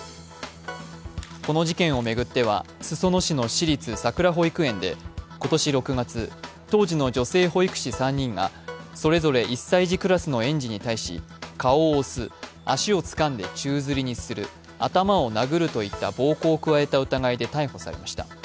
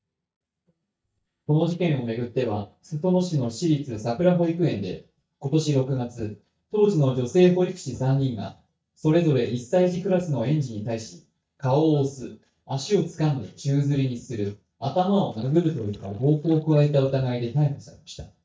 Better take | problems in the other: first | noise reduction (neural mask model DeepFilterNet 3)

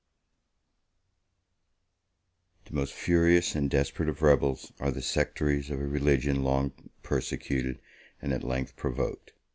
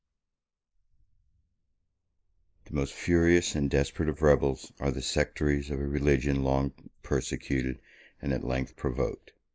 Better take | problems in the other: first | noise reduction (neural mask model Resemble Enhance denoiser)

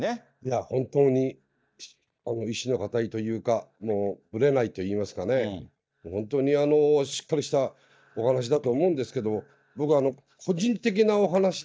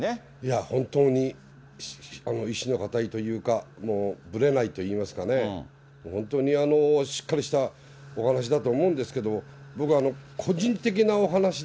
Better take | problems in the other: second | noise reduction (neural mask model DeepFilterNet 3)

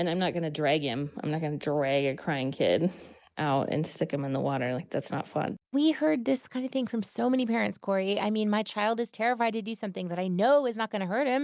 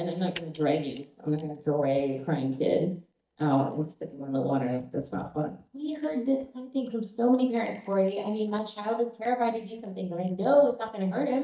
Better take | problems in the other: first | noise reduction (neural mask model DeepFilterNet 3)

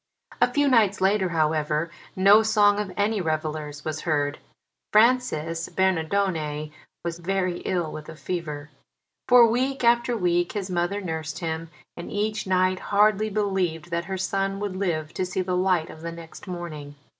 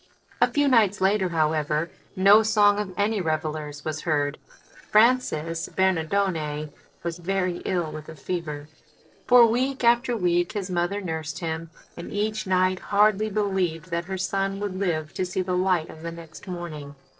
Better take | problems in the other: first | noise reduction (neural separator model SepFormer DNS4)

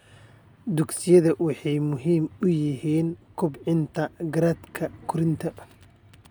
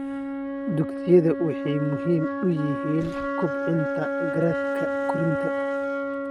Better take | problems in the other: first | noise reduction (neural mask model RNNoise)

